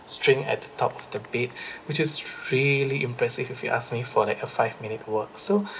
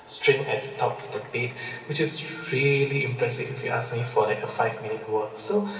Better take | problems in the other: first | room echo; dies away in 2.9 s

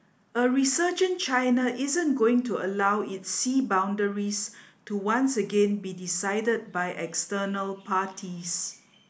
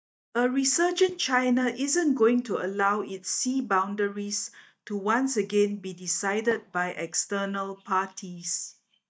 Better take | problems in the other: first | noise reduction (neural mask model DeepFilterNet 3)

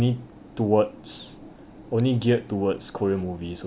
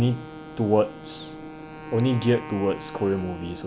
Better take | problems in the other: first | background sound (Wind instrument, woodwind instrument); 14 dB below the speech

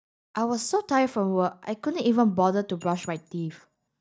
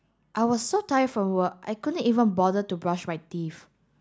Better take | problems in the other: second | noise reduction (neural mask model DeepFilterNet 3)

